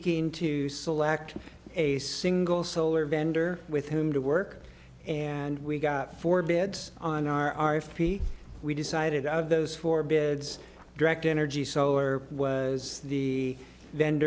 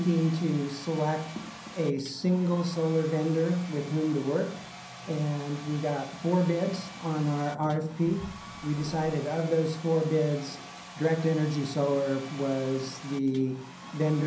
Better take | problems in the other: first | background sound (Domestic sounds, home sounds); 17 dB below the speech // room echo; dies away in 0.6 s

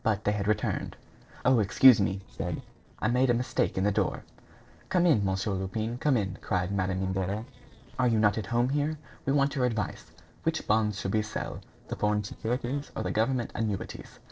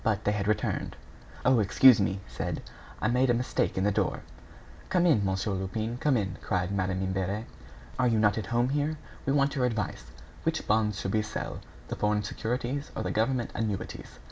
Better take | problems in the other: second | noise reduction (neural separator model SepFormer DNS4)

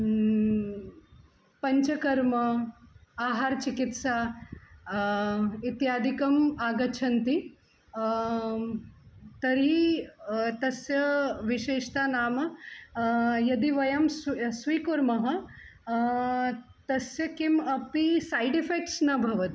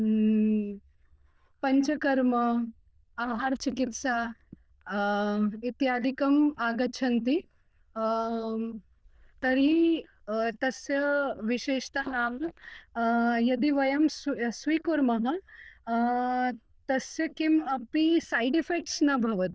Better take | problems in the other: first | noise reduction (neural diffusion model UNIVERSE++)

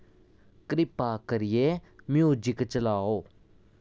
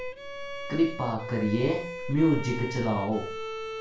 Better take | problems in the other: first | background sound (Bowed string instrument); 9 dB below the speech // room echo; dies away in 0.3 s

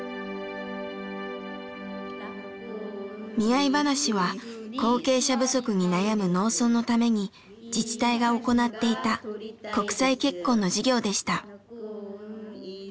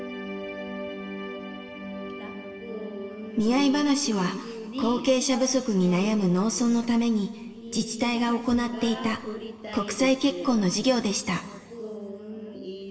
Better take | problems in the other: first | room echo; dies away in 1.6 s

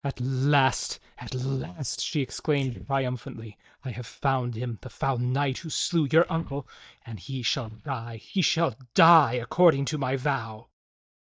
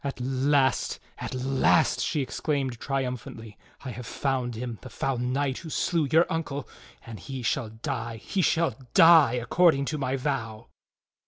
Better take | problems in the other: second | noise reduction (neural mask model DeepFilterNet 3)

